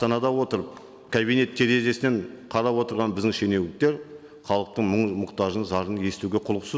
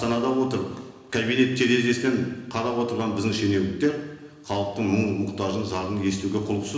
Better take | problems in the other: first | room echo; dies away in 1 s

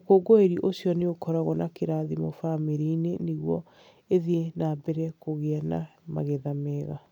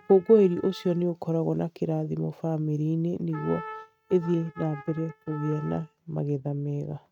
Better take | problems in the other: first | noise reduction (neural mask model RNNoise)

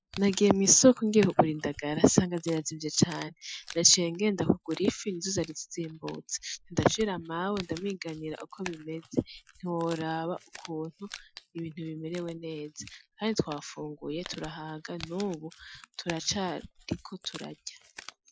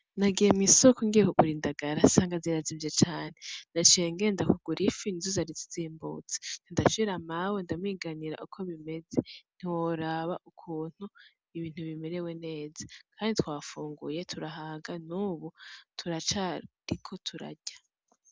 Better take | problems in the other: second | noise reduction (classical method Wiener filter)

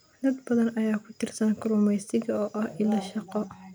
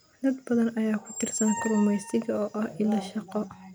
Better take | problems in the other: first | background sound (Squeak); 12 dB below the speech

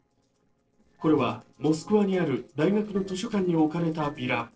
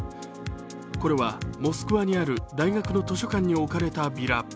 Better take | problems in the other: second | noise reduction (neural separator model SepFormer DNS4)

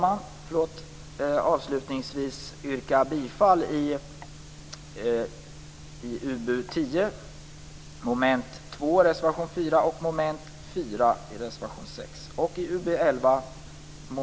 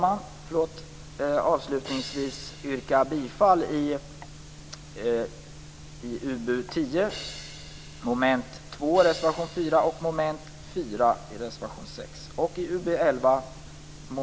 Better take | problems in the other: first | background sound (Crash cymbal); 17 dB below the speech

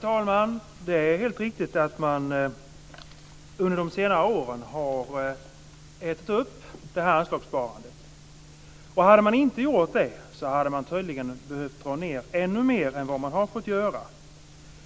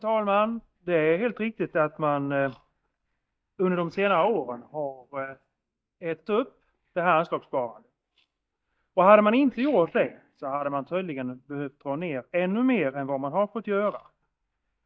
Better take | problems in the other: first | noise reduction (neural mask model DeepFilterNet 3)

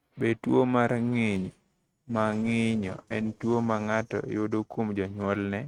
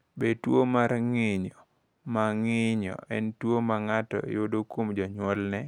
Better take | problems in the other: second | noise reduction (neural mask model RNNoise)

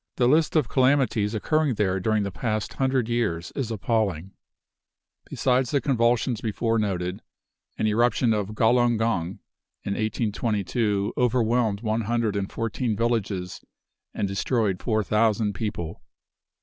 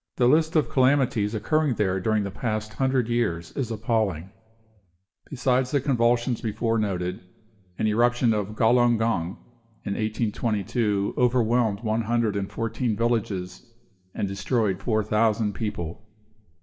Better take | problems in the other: first | room echo; dies away in 0.8 s

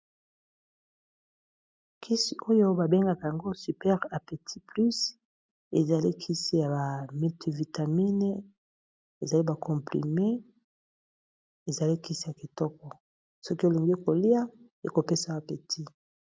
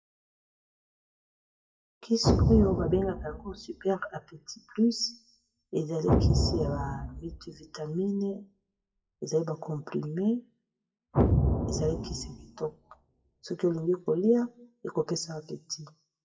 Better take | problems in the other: first | noise reduction (classical method WPE with log-MMSE)

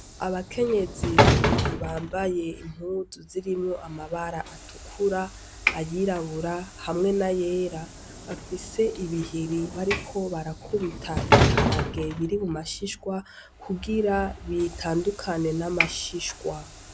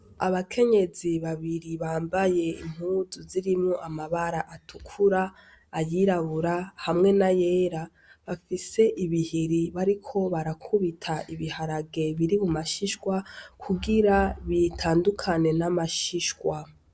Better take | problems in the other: second | background sound (Sliding door / Train); as loud as the speech

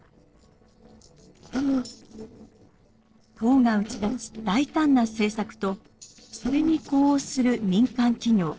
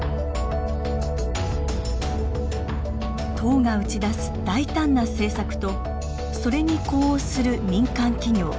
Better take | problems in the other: second | noise reduction (neural separator model SepFormer DNS4)

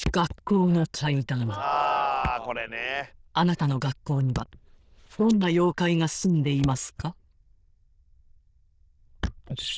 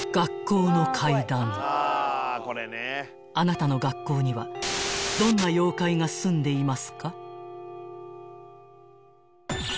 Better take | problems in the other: second | noise reduction (neural diffusion model UNIVERSE++)

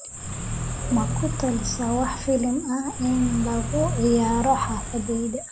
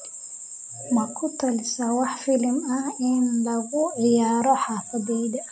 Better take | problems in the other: second | background sound (Car); 5 dB below the speech

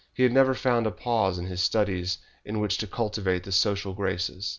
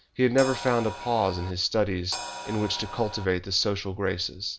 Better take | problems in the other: first | background sound (Crash cymbal); 11 dB below the speech

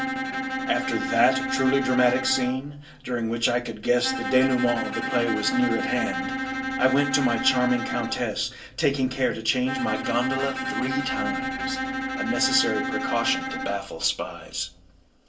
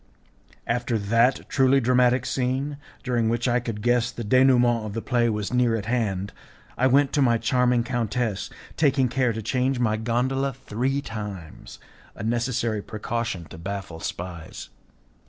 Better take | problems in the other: second | background sound (Bowed string instrument); 4 dB below the speech // room echo; dies away in 0.2 s

